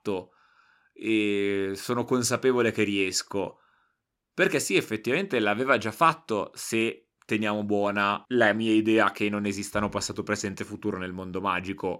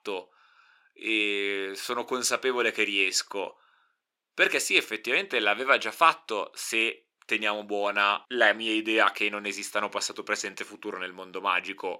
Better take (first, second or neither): first